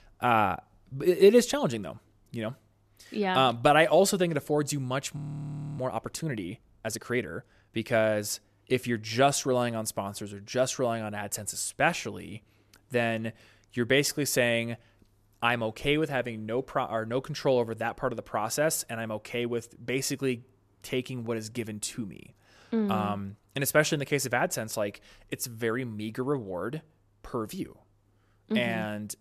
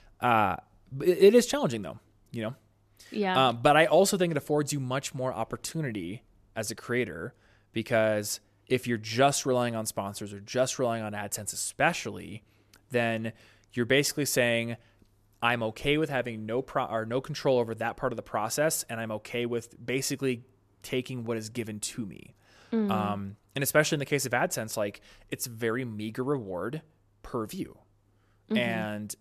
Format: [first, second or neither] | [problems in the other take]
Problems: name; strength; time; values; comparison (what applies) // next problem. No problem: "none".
second | audio freezing; at 5 s for 0.5 s